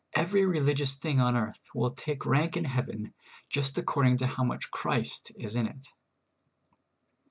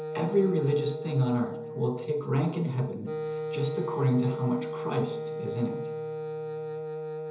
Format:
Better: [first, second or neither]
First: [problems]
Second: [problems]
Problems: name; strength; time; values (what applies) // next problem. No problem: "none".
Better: first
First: none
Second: background sound (Wind instrument, woodwind instrument); 6 dB below the speech // room echo; dies away in 0.8 s